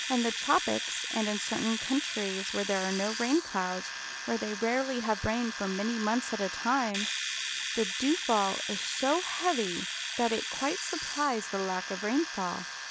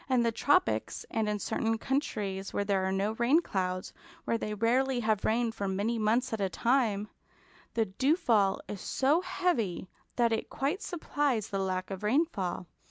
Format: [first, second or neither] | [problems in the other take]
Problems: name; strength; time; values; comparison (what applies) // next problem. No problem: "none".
second | background sound (Domestic sounds, home sounds); 5 dB below the speech